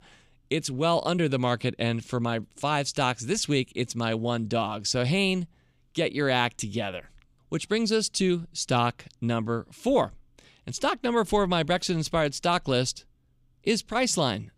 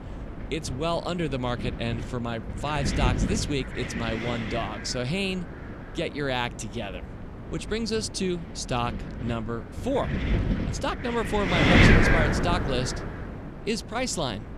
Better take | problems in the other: first | wind noise on the microphone; heavy; 3 dB above the speech

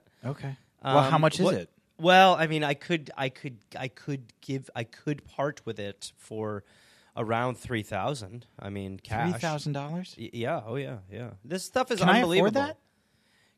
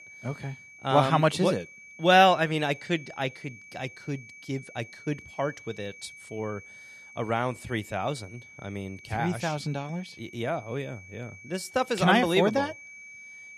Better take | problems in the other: first | high-pitched whine; noticeable; throughout; 2.5 kHz, 20 dB below the speech

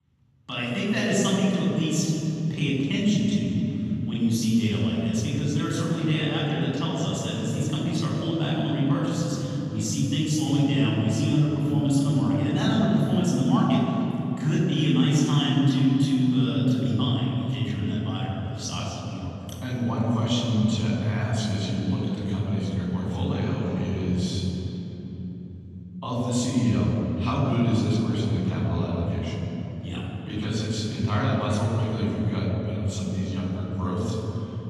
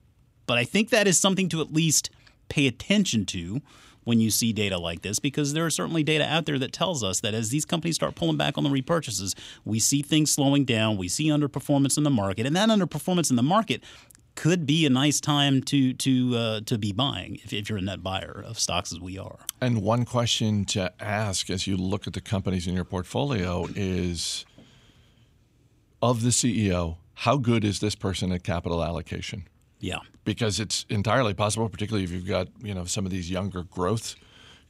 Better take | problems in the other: second | room echo; strong; dies away in 3 s // off-mic speech; far

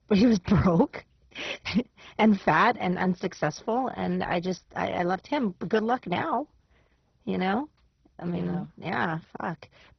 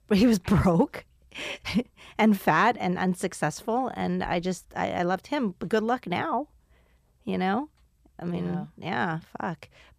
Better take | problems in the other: second | garbled, watery; badly; nothing above 6 kHz

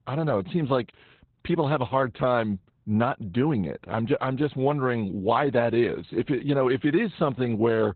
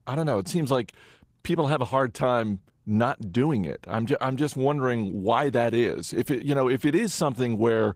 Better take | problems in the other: second | garbled, watery; badly; nothing above 4 kHz; slightly in the second

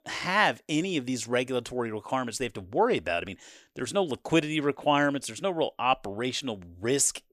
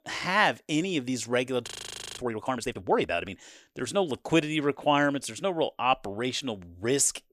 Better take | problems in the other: first | audio freezing; at 1.5 s for 0.5 s

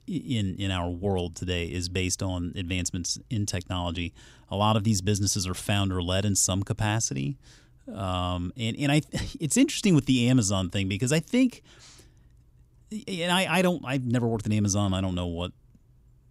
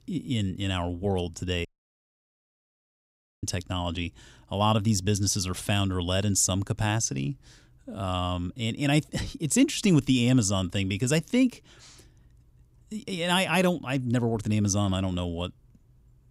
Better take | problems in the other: first | audio cutting out; at 1.5 s for 2 s

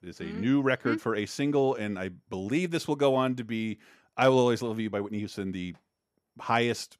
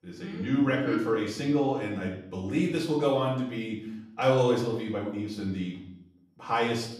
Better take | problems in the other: first | room echo; noticeable; dies away in 0.7 s // off-mic speech; far

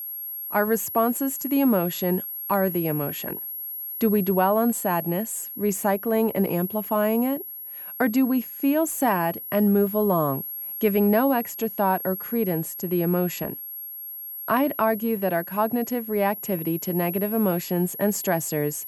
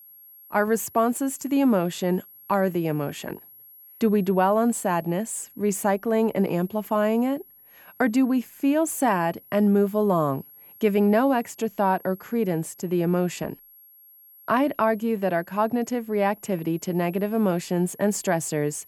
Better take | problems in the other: second | high-pitched whine; loud; throughout; 11.5 kHz, 8 dB below the speech; faint in the second

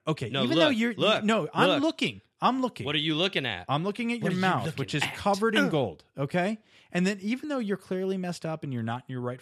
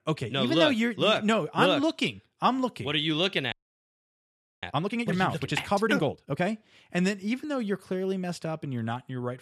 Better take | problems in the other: first | audio freezing; at 3.5 s for 1 s

